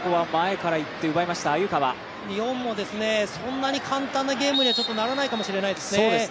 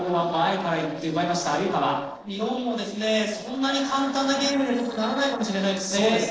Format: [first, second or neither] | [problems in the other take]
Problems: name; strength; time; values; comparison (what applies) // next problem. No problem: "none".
first | noise reduction (neural separator model SepFormer DNS4)